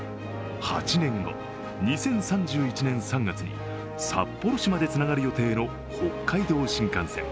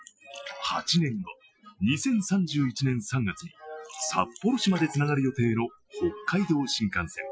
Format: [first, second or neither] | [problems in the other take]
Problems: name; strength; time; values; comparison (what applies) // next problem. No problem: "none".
first | noise reduction (classical method Wiener filter)